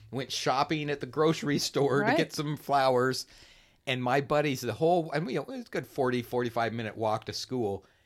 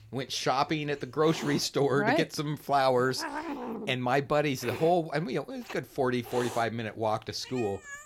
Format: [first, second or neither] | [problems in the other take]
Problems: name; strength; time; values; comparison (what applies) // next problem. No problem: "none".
first | hiss; noticeable; throughout; 10 dB below the speech